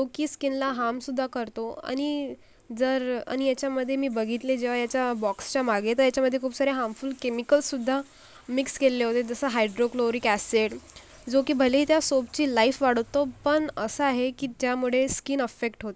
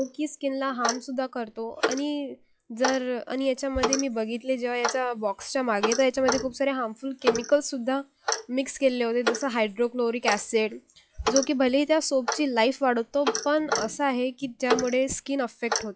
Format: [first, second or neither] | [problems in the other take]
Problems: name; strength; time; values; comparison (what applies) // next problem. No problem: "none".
first | noise reduction (classical method log-MMSE)